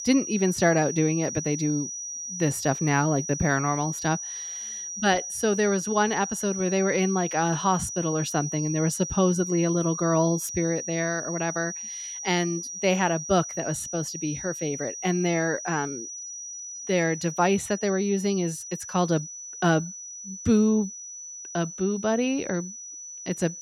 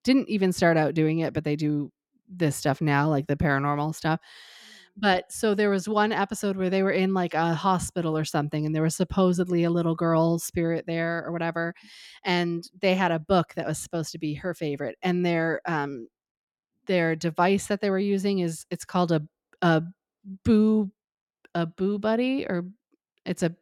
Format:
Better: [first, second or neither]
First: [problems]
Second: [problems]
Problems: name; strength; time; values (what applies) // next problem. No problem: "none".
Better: second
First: high-pitched whine; loud; throughout; 6 kHz, 7 dB below the speech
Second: none